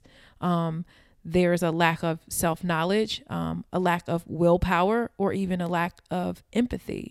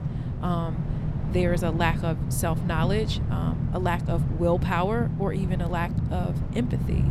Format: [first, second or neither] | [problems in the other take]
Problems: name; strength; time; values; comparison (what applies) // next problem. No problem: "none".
first | low rumble; loud; throughout; 9 dB below the speech